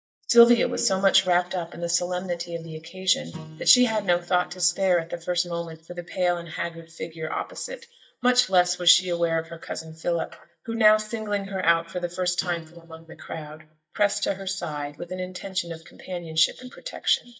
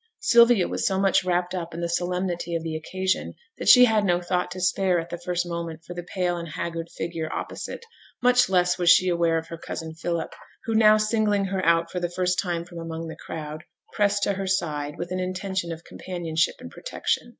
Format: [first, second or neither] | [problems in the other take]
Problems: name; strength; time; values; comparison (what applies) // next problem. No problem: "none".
second | noise reduction (neural mask model DeepFilterNet 3)